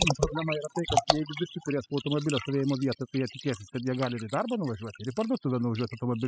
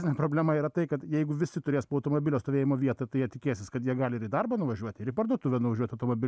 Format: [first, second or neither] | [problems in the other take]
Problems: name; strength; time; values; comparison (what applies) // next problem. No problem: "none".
second | noise reduction (classical method spectral subtraction)